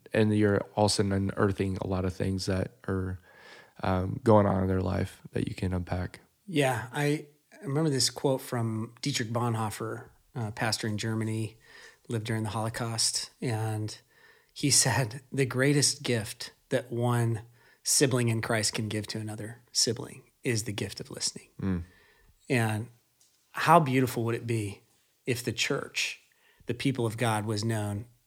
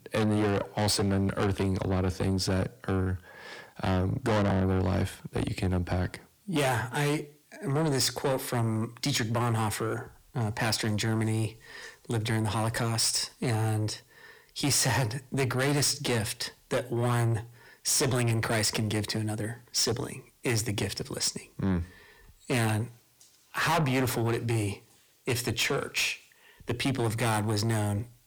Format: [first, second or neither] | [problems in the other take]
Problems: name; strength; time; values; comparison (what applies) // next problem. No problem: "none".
first | distortion; heavy; 6 dB below the speech